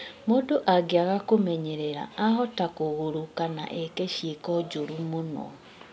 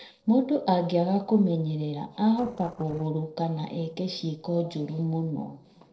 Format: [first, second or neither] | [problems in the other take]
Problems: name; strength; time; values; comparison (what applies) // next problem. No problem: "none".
first | noise reduction (neural separator model SepFormer DNS4)